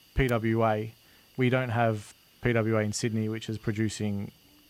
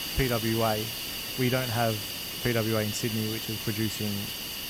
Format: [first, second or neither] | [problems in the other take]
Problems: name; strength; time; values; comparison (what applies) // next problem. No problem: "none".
first | hiss; loud; throughout; 2 dB below the speech; faint in the first